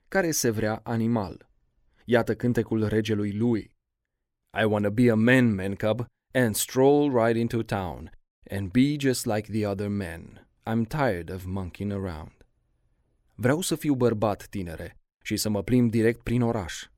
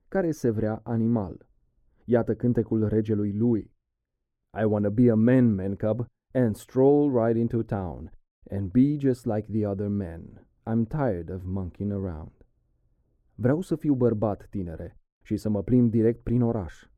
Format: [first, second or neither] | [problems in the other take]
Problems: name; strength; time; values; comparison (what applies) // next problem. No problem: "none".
first | muffled; very; fading above 1 kHz